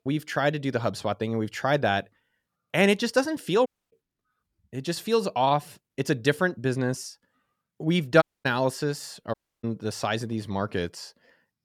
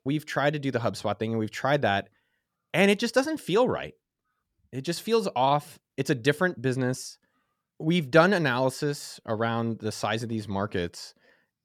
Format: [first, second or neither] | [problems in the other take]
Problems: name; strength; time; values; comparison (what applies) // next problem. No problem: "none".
second | audio cutting out; at 3.5 s, at 8 s and at 9.5 s